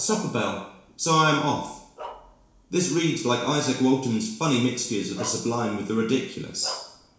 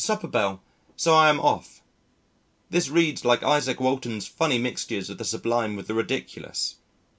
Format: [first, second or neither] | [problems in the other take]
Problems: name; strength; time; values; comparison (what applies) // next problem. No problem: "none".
second | background sound (Bark); 19 dB below the speech // room echo; dies away in 0.7 s